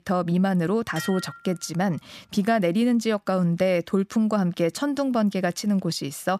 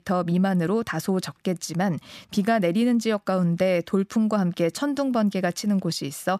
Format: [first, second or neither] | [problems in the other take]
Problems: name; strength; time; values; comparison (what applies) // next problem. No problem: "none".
second | clattering dishes; faint; at 1 s; peak 10 dB below the speech